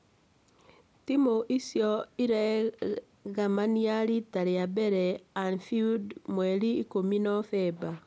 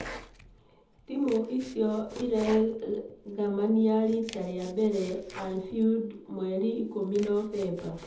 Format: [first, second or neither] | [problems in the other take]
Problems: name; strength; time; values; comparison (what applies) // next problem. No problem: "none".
first | background sound (Domestic sounds, home sounds); 18 dB below the speech // room echo; dies away in 0.7 s